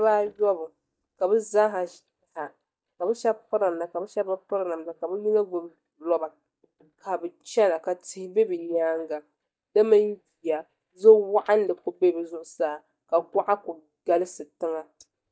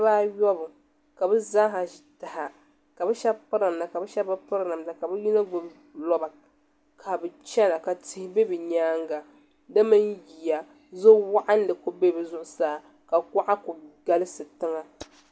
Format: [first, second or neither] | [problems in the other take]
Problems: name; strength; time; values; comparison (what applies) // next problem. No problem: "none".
second | noise reduction (neural mask model DeepFilterNet 3)